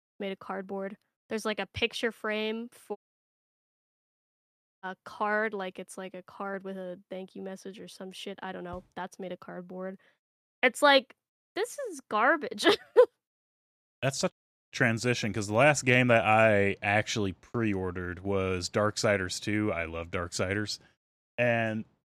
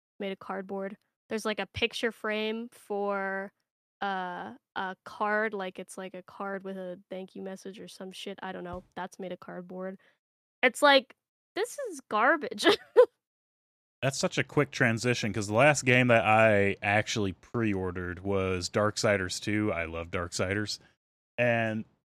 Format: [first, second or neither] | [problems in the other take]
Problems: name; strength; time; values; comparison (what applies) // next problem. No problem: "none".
second | audio cutting out; at 3 s for 2 s and at 14 s